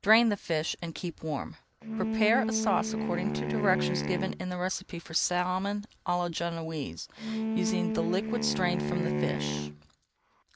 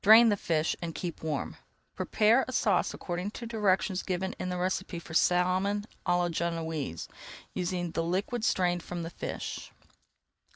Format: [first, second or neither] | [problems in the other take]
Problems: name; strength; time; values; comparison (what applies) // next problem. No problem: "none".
second | background sound (Wind instrument, woodwind instrument); 1 dB below the speech